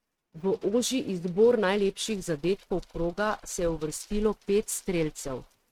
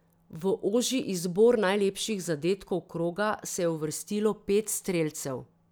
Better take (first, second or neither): second